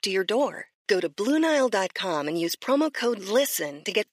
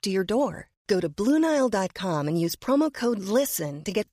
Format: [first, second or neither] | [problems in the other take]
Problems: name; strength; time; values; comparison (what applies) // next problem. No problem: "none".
second | thin; very slightly; fading below 350 Hz